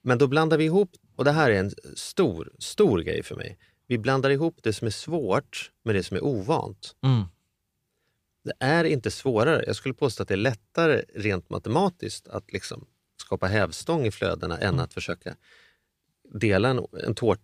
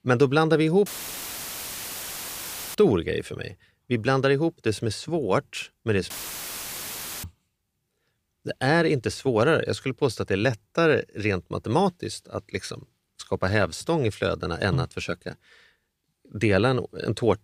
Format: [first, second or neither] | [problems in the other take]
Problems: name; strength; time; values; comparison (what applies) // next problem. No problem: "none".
first | audio cutting out; filled with static; at 1 s for 2 s and at 6 s for 1 s